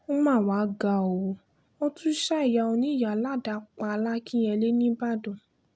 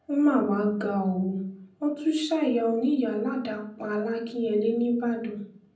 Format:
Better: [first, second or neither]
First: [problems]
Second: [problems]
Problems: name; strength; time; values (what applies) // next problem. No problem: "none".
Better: first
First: none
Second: room echo; dies away in 0.6 s